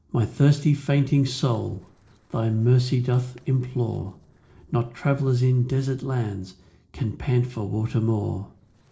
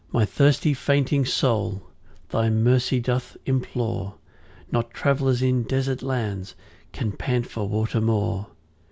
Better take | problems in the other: second | noise reduction (neural separator model SepFormer DNS4)

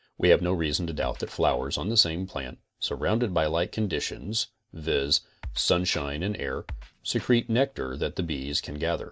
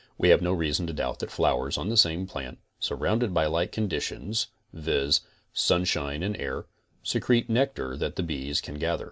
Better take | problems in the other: second | noise reduction (neural mask model DeepFilterNet 3)

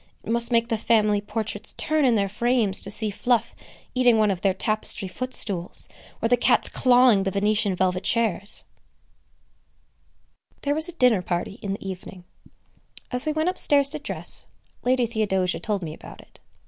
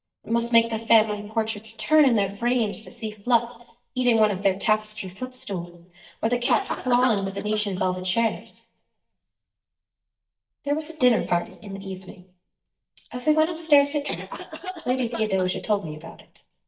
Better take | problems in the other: first | noise reduction (neural mask model DeepFilterNet 3)

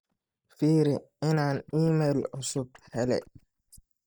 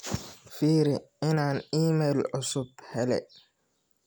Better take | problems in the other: second | noise reduction (neural mask model DeepFilterNet 3)

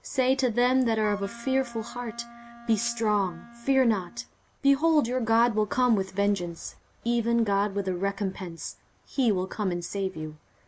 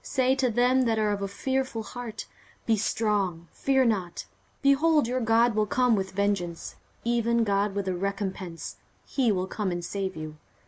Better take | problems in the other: second | background sound (Wind instrument, woodwind instrument); 18 dB below the speech

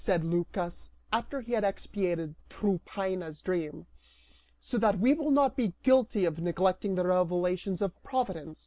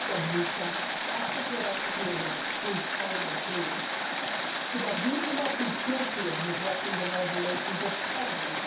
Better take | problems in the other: first | background sound (Water); 3 dB above the speech // room echo; dies away in 0.6 s

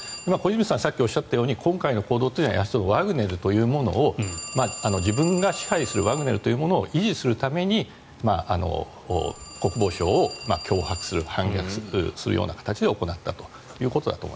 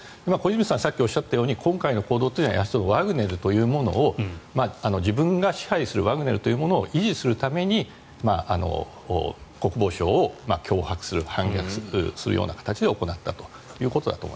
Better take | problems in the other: second | background sound (Telephone); 17 dB below the speech

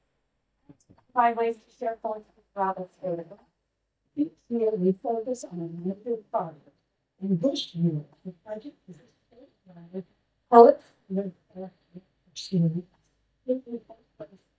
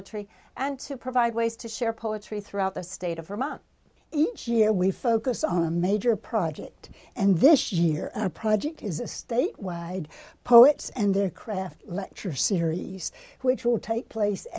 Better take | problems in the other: second | noise reduction (neural mask model DeepFilterNet 3)

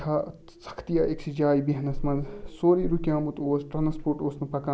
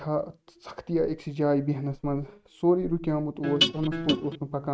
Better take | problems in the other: first | noise reduction (neural mask model RNNoise)

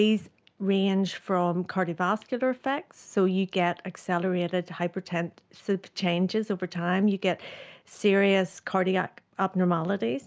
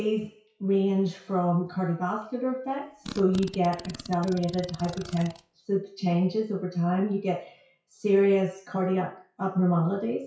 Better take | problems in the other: first | noise reduction (classical method WPE with log-MMSE)

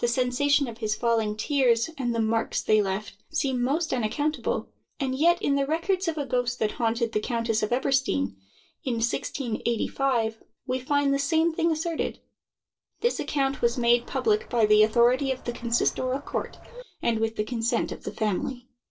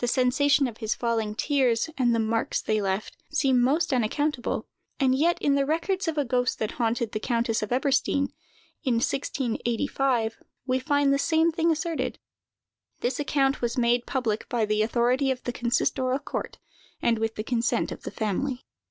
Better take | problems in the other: second | noise reduction (neural separator model SepFormer DNS4)

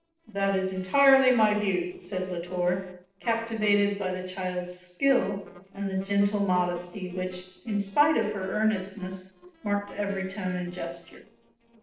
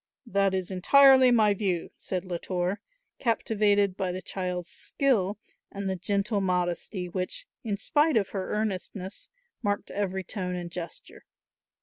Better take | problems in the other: second | noise reduction (neural separator model SepFormer DNS4)

